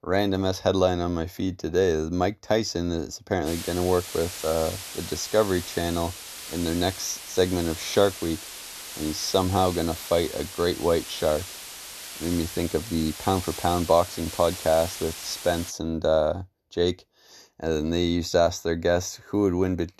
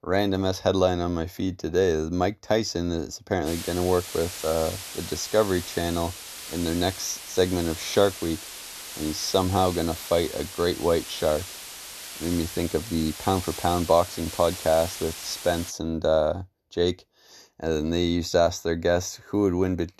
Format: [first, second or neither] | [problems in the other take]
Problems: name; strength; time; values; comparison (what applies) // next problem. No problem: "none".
neither | hiss; loud; from 3.5 to 16 s; 10 dB below the speech; the same in both